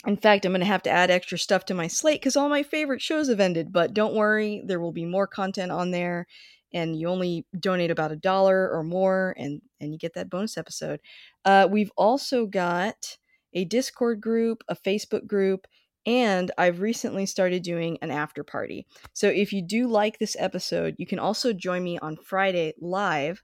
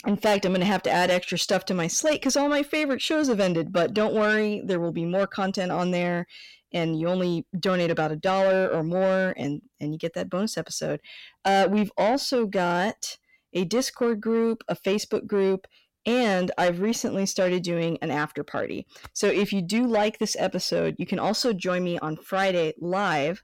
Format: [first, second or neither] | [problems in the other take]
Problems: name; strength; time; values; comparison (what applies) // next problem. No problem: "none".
first | distortion; slight; 10 dB below the speech